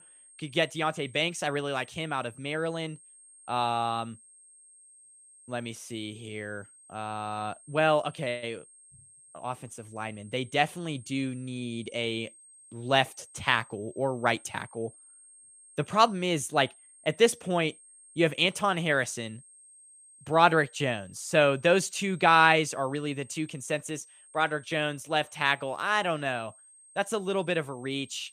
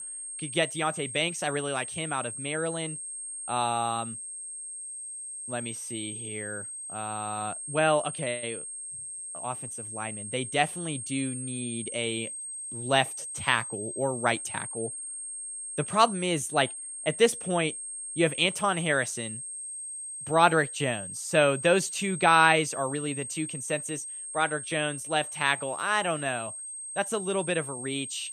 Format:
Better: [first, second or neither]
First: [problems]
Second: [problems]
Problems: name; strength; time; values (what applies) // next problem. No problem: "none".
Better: first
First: high-pitched whine; faint; throughout; 8.5 kHz, 25 dB below the speech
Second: high-pitched whine; loud; throughout; 8.5 kHz, 7 dB below the speech